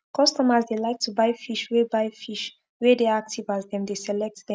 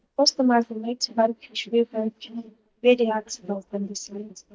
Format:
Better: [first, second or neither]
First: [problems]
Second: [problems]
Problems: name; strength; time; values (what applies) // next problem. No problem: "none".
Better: first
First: none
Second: noise reduction (neural mask model DeepFilterNet 3)